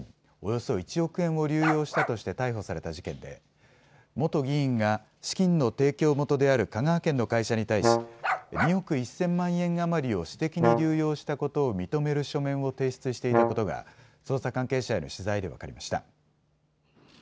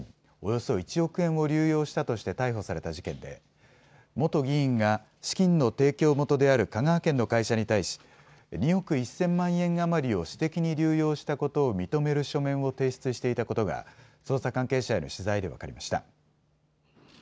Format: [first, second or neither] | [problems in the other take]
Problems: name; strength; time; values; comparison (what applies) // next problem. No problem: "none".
second | background sound (Brass instrument + Bark); 1 dB below the speech